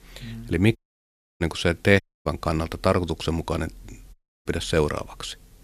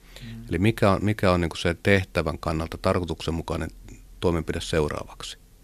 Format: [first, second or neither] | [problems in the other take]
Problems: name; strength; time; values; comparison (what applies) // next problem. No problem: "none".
second | audio cutting out; at 1 s for 0.5 s, at 2 s and at 4 s